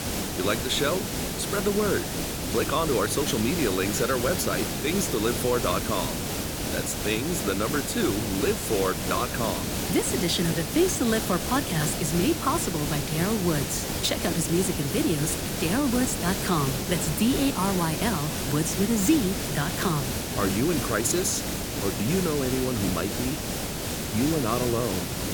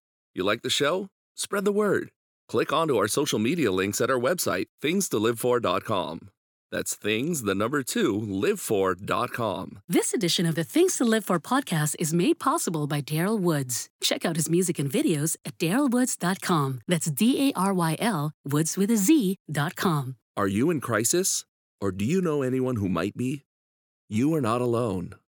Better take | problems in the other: second | hiss; loud; throughout; 2 dB below the speech

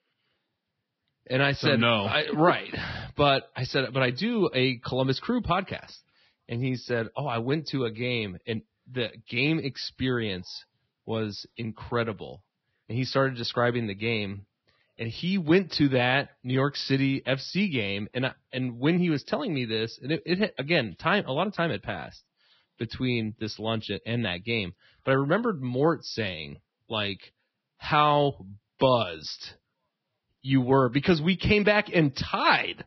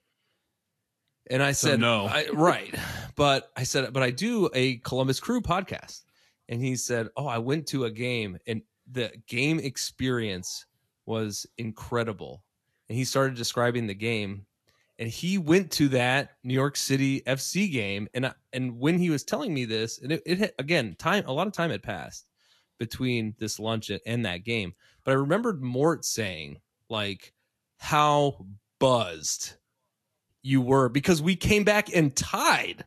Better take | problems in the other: second | garbled, watery; badly; nothing above 5.5 kHz; slightly in the second

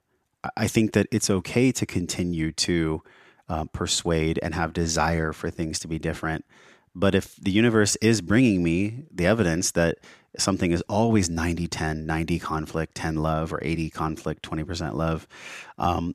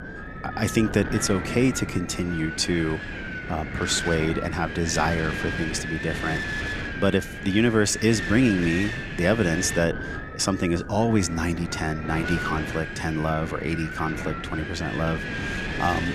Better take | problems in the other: first | wind noise on the microphone; heavy; 4 dB below the speech

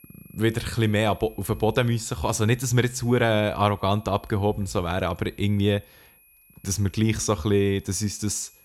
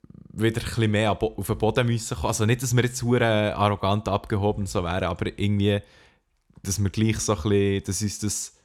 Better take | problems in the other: second | high-pitched whine; faint; throughout; 2.5 kHz, 30 dB below the speech

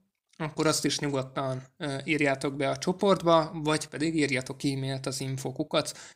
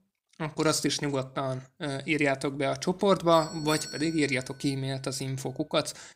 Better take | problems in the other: first | doorbell; noticeable; from 3.5 to 4.5 s; peak 8 dB below the speech

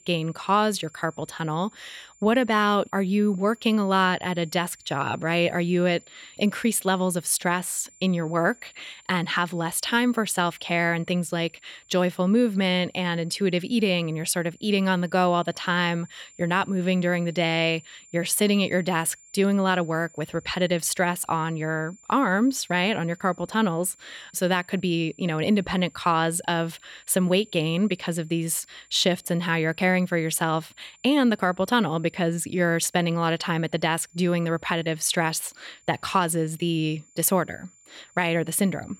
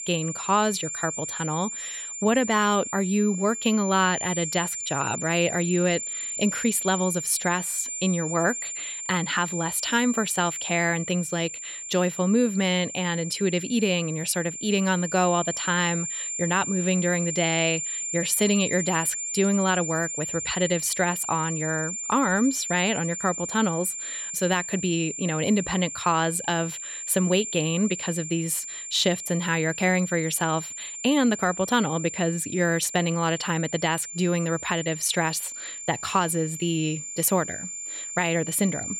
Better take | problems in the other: first | high-pitched whine; loud; throughout; 7 kHz, 6 dB below the speech; faint in the first

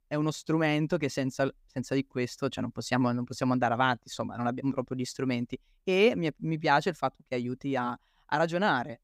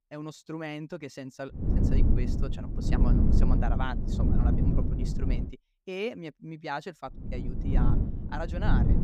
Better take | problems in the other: first | low rumble; loud; from 1.5 to 5.5 s and from 7 s on; as loud as the speech

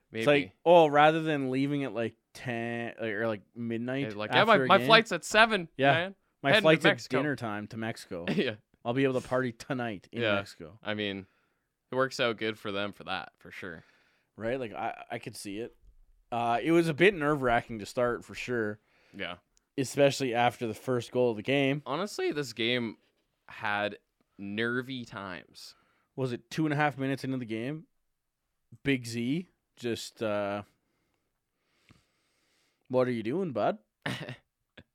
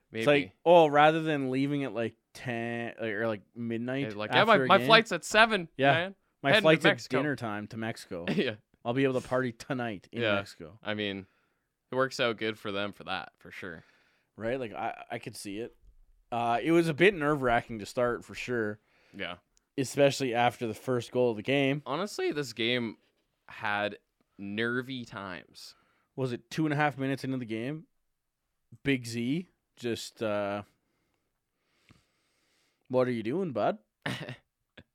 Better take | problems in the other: neither | none

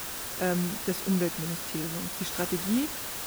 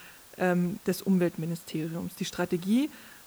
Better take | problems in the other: second | hiss; loud; throughout; 2 dB below the speech; faint in the second

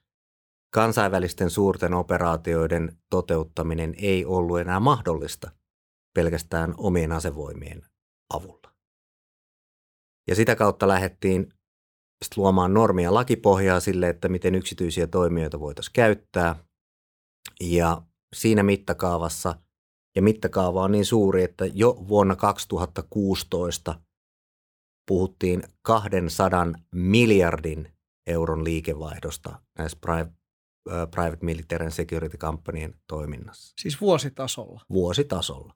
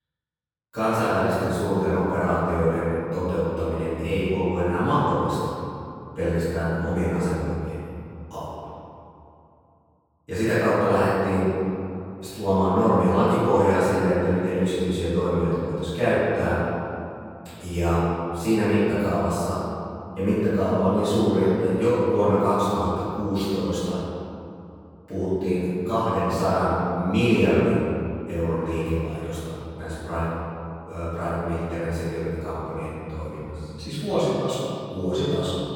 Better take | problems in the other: first | room echo; strong; dies away in 2.5 s // off-mic speech; far

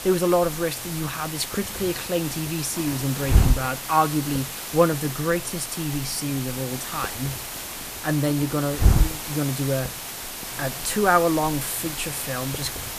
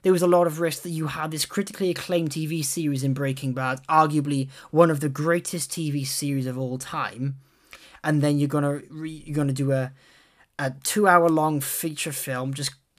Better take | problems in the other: second | hiss; loud; throughout; 3 dB below the speech

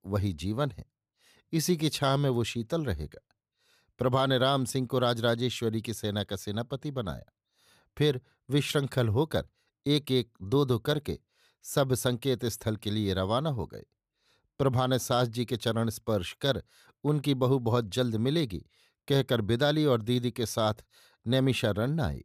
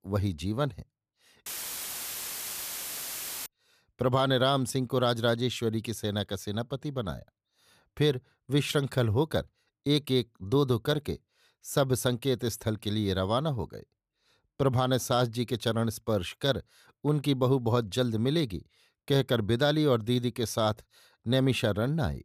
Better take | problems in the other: first | audio cutting out; filled with static; at 1.5 s for 2 s

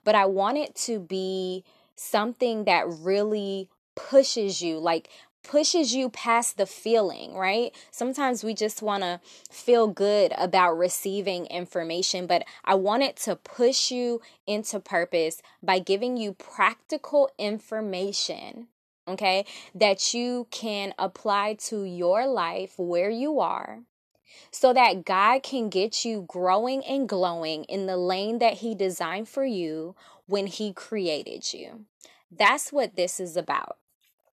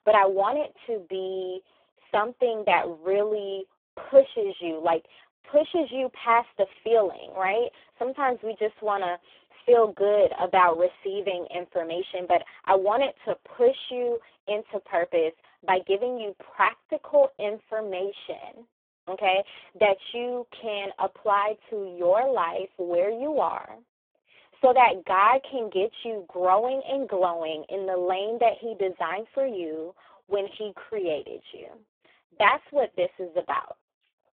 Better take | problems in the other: first | phone-call audio; poor line

